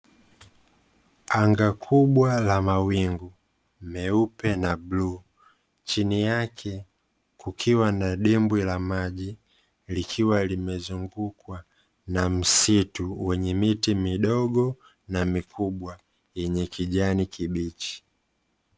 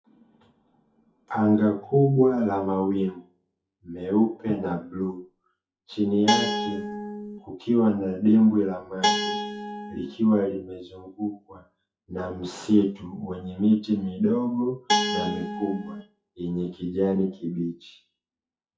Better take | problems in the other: first | noise reduction (classical method WPE with log-MMSE)

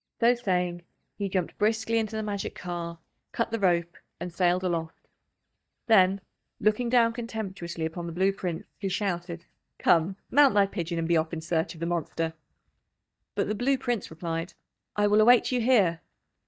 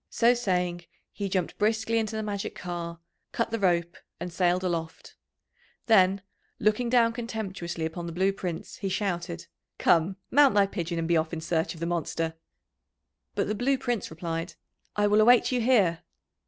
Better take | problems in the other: second | noise reduction (neural mask model DeepFilterNet 3)

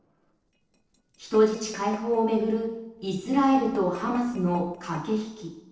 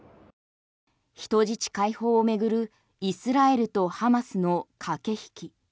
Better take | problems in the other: second | noise reduction (neural separator model SepFormer DNS4)

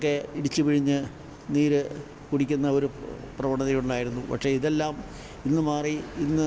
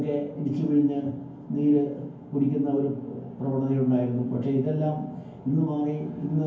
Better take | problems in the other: first | room echo; dies away in 0.9 s

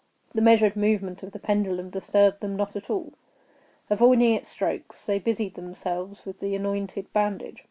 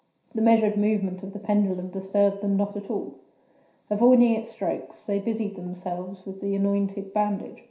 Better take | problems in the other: first | room echo; dies away in 0.5 s

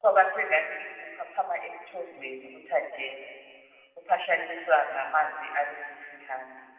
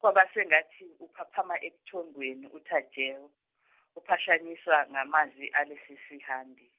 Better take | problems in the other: second | room echo; dies away in 2.3 s

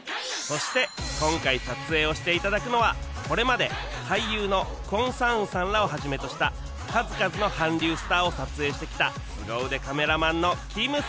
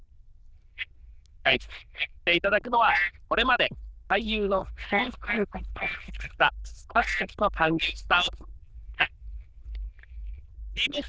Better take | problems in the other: first | noise reduction (neural diffusion model UNIVERSE++)

